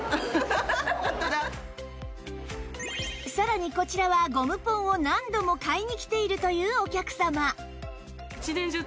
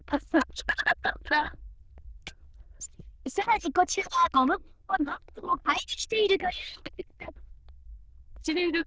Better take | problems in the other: first | noise reduction (neural diffusion model UNIVERSE++)

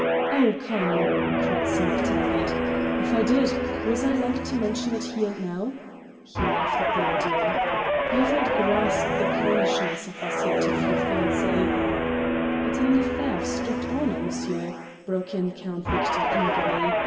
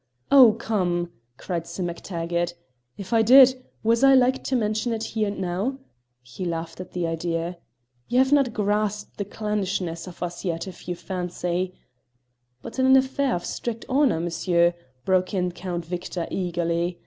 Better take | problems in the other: second | background sound (Guitar); 3 dB above the speech // room echo; dies away in 2.5 s

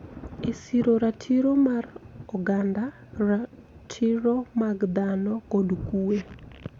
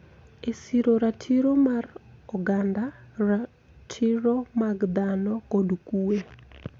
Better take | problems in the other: second | background sound (Thunder); 17 dB below the speech

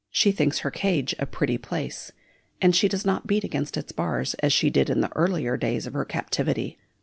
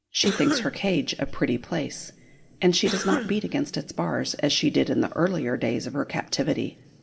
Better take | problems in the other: first | background sound (Cough); 6 dB below the speech // room echo; dies away in 2.2 s

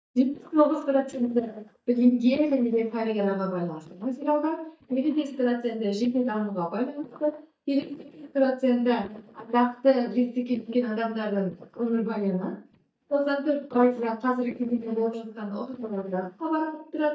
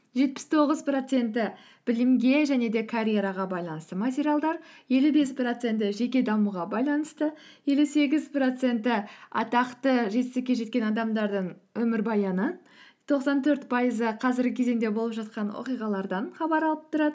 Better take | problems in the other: second | noise reduction (neural mask model DeepFilterNet 3)

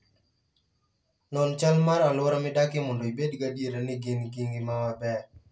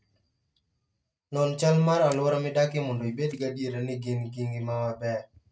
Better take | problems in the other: first | noise reduction (neural mask model RNNoise)

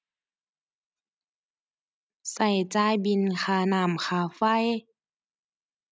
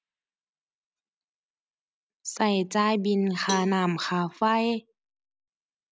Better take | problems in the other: first | background sound (Cowbell); 13 dB below the speech

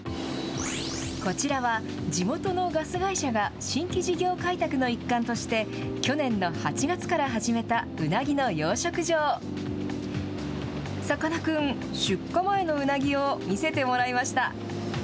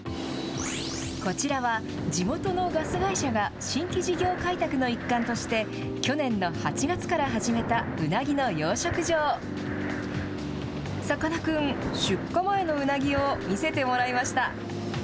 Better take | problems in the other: first | background sound (Breathing); 10 dB below the speech

